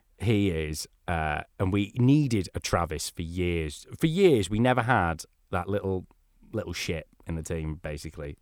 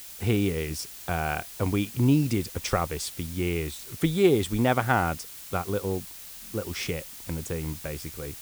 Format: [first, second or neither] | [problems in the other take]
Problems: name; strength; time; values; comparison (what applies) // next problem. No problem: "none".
first | hiss; noticeable; throughout; 10 dB below the speech